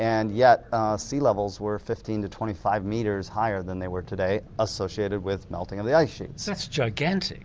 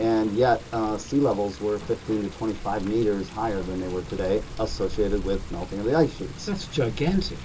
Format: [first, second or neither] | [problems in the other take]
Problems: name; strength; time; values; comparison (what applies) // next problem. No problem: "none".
first | background sound (Water); 10 dB below the speech // room echo; dies away in 0.2 s